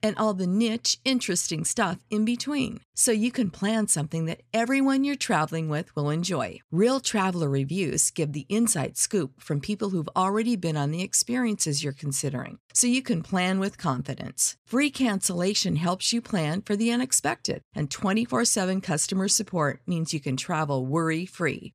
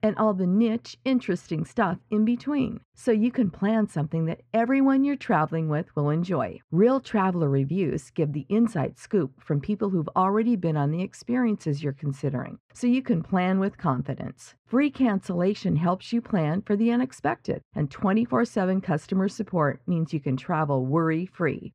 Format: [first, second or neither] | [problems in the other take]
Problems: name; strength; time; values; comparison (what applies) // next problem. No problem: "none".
first | muffled; very; fading above 4 kHz